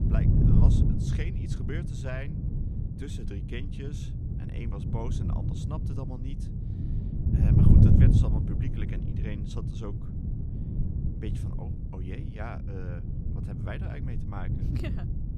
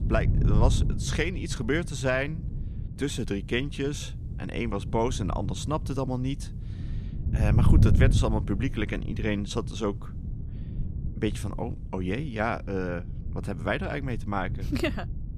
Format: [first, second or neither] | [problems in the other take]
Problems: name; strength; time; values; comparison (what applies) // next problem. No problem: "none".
second | wind noise on the microphone; heavy; 4 dB above the speech; occasional gusts in the second